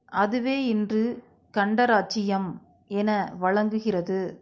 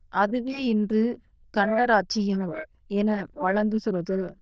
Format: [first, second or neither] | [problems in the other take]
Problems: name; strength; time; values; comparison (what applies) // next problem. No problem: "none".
first | noise reduction (neural diffusion model UNIVERSE++)